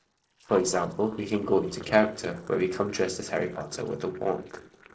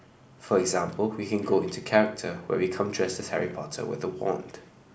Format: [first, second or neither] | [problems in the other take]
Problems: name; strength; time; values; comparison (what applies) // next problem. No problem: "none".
second | noise reduction (neural separator model SepFormer DNS4)